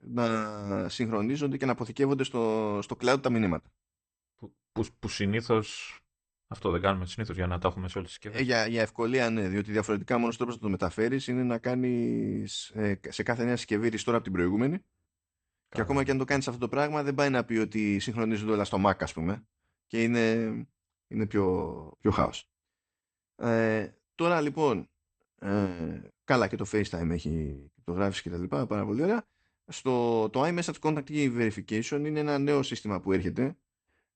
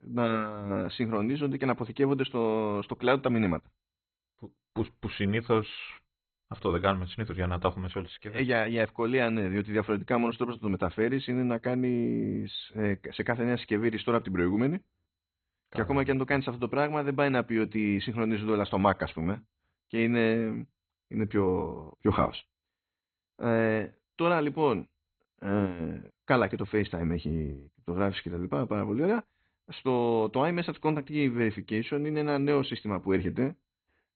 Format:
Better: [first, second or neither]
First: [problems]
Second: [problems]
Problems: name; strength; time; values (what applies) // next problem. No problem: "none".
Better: first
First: garbled, watery; slightly; nothing above 8.5 kHz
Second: garbled, watery; badly; nothing above 4 kHz